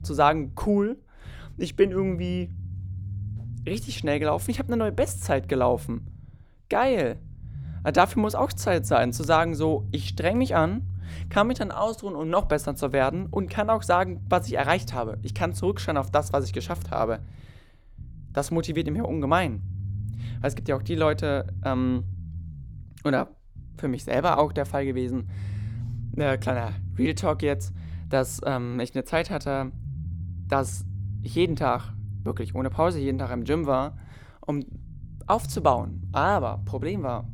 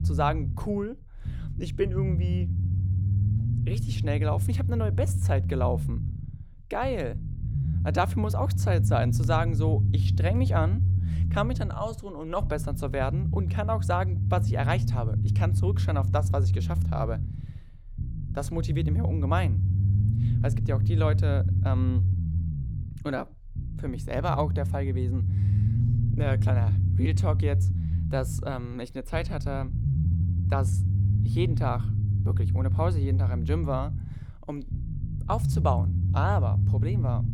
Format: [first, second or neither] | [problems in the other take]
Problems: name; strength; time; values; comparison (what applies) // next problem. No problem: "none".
first | low rumble; loud; throughout; 8 dB below the speech; faint in the first